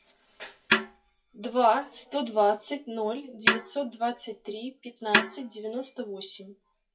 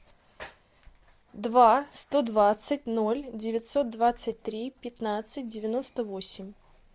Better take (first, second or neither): second